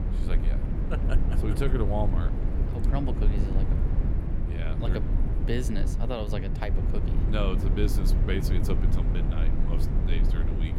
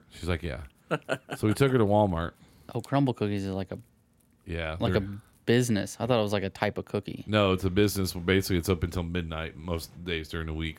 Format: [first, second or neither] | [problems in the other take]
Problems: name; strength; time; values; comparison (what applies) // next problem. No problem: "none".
second | low rumble; loud; throughout; 3 dB below the speech